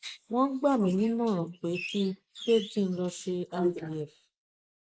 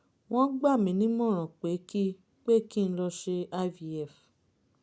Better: second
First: noise reduction (neural mask model Resemble Enhance denoiser)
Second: none

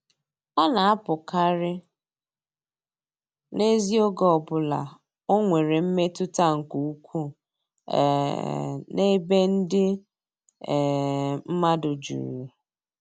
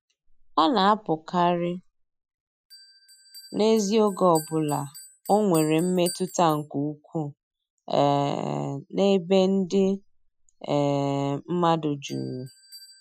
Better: first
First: none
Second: noise reduction (classical method Wiener filter)

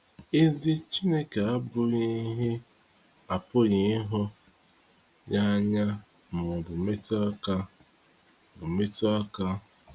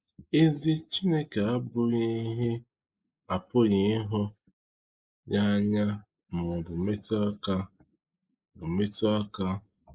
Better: first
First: none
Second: noise reduction (neural mask model Resemble Enhance denoiser)

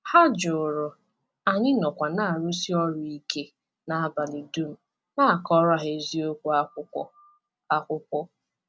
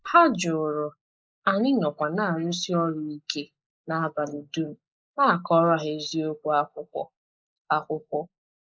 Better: first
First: none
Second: noise reduction (neural mask model Resemble Enhance denoiser)

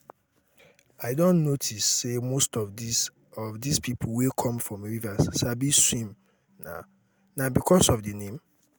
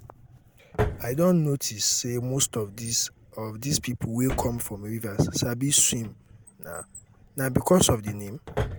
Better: first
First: none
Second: background sound (Drawer open or close); 11 dB below the speech

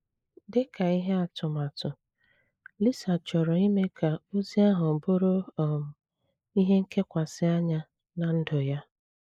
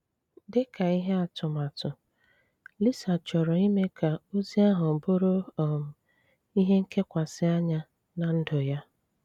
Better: second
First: noise reduction (neural mask model Resemble Enhance denoiser)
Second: none

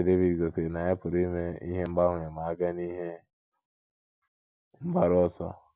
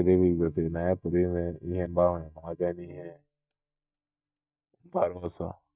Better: first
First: none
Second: noise reduction (neural mask model DeepFilterNet 3)

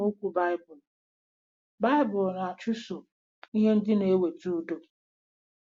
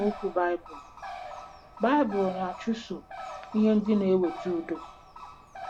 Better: first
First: none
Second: background sound (Bird); 14 dB below the speech

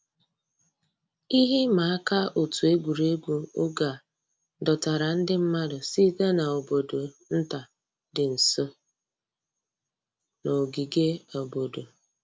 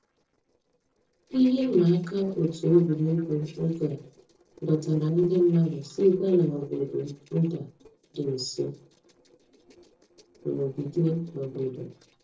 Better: first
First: none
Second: noise reduction (neural separator model SepFormer DNS4)

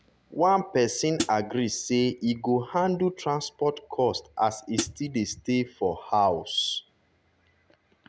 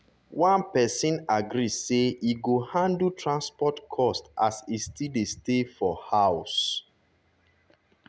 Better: second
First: background sound (Hi-hat); 4 dB below the speech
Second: none

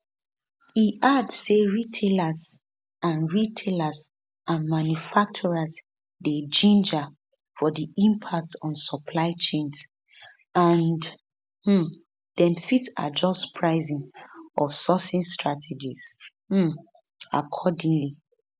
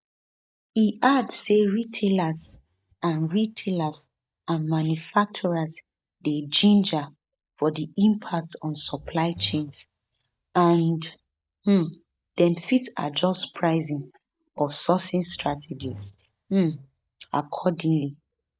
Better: first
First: none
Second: noise reduction (neural mask model DeepFilterNet 3)

